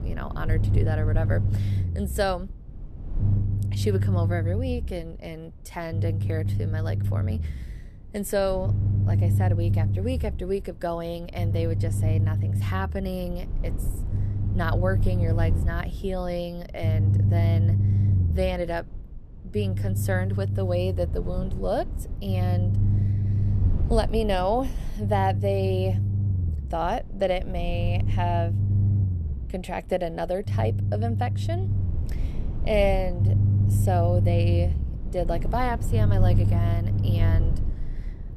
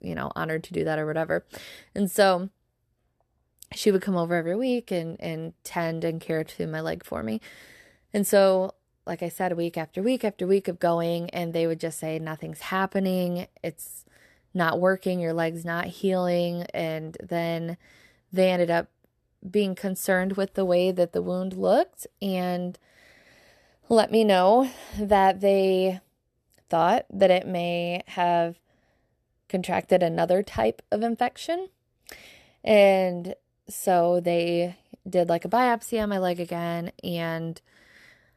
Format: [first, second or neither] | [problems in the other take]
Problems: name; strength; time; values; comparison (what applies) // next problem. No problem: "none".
second | low rumble; loud; throughout; 9 dB below the speech